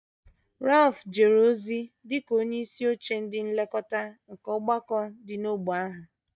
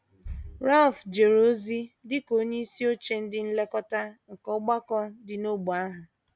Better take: second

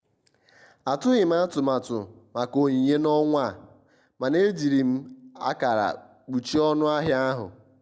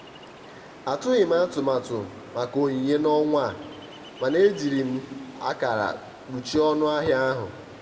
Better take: first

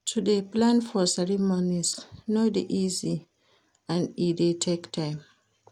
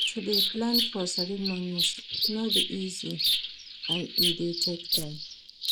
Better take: first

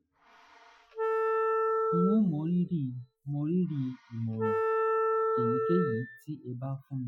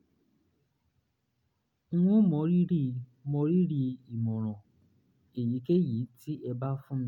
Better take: second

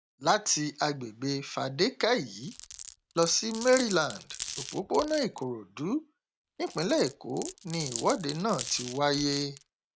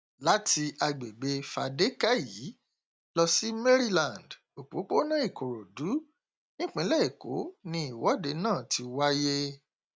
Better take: second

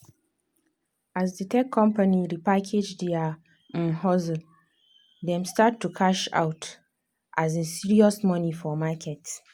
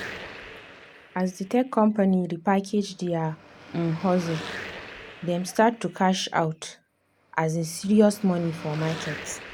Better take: first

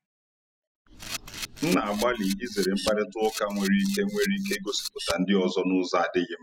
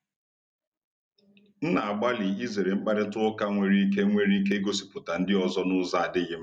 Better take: second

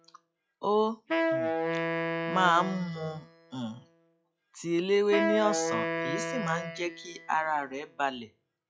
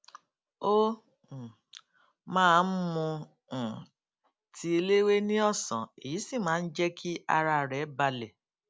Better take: second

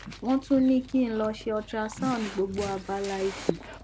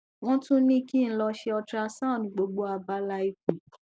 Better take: second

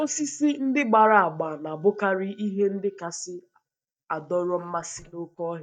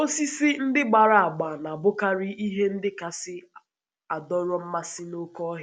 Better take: second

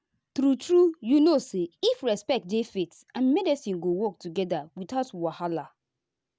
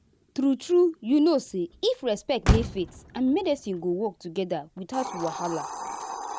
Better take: first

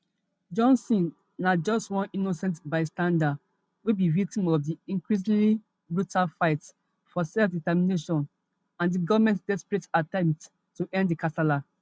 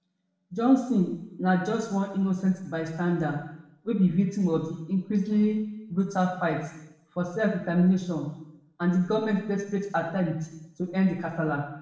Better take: first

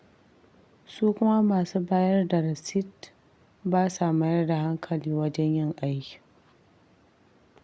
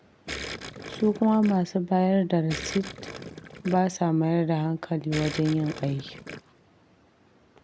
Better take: first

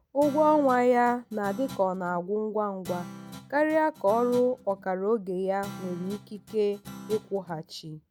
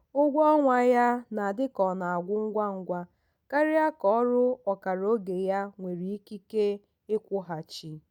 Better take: second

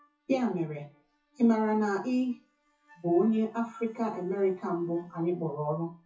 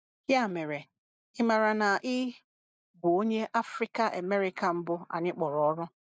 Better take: second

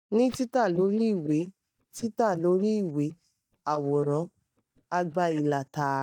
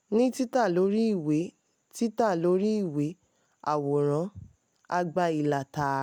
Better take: second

